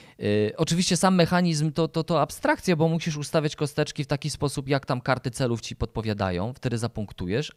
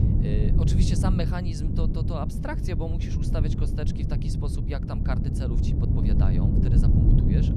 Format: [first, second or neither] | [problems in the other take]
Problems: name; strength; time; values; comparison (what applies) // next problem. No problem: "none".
first | wind noise on the microphone; heavy; 1 dB above the speech